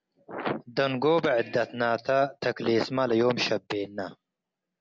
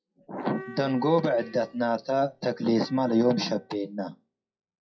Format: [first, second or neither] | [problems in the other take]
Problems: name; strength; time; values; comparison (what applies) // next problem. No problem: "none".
first | noise reduction (classical method WPE with log-MMSE)